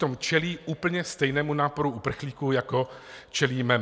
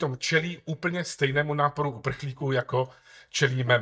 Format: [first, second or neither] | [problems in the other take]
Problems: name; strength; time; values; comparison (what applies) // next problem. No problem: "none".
first | noise reduction (neural mask model DeepFilterNet 3)